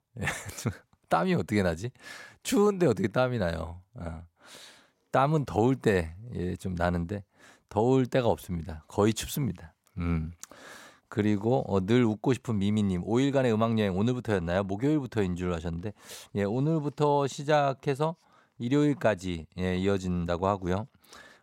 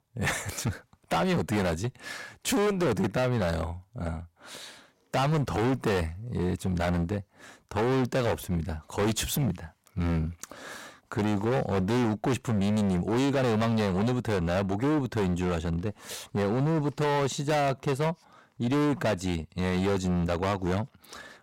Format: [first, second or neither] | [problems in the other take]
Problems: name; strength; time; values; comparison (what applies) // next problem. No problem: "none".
first | distortion; heavy; 22% of the sound clipped